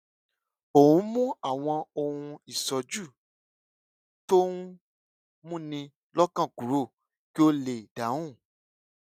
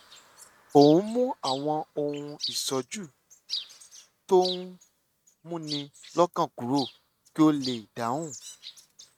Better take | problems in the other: first | noise reduction (neural mask model RNNoise)

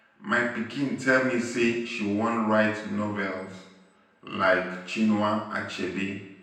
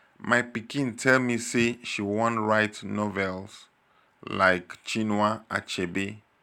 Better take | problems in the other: second | room echo; dies away in 0.9 s

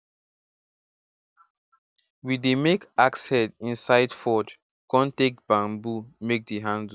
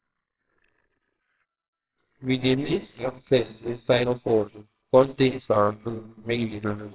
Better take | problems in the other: first | noise reduction (neural separator model SepFormer WHAMR!)

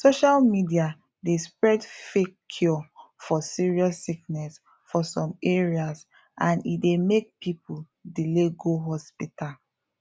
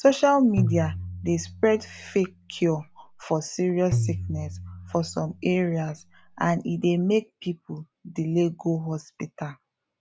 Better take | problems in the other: first | background sound (Tabla); 7 dB below the speech

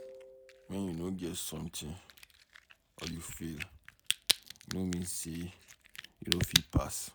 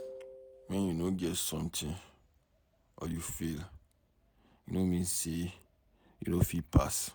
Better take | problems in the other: second | background sound (Crack); as loud as the speech

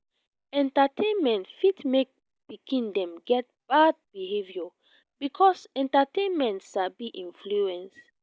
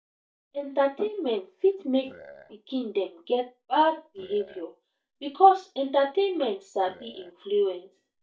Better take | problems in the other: first | noise reduction (neural mask model DeepFilterNet 3)

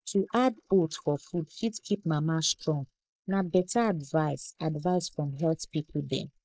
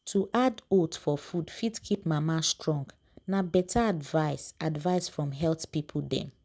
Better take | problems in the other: second | noise reduction (neural mask model Resemble Enhance denoiser)

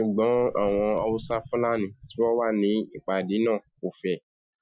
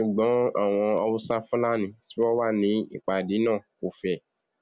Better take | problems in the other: second | noise reduction (classical method Wiener filter)

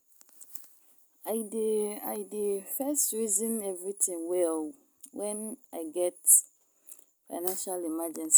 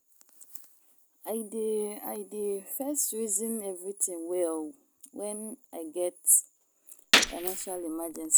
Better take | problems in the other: first | background sound (Gunshot, gunfire); 3 dB above the speech

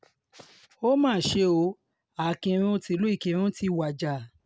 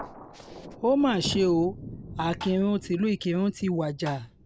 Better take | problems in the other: first | background sound (Thunder + Tap); 16 dB below the speech

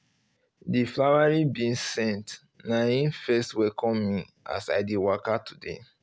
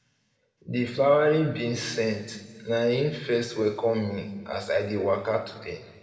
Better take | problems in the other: first | room echo; dies away in 1.6 s

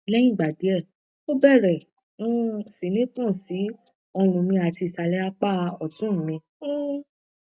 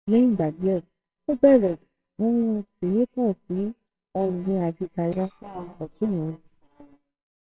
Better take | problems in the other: first | noise reduction (neural separator model SepFormer WHAMR!)

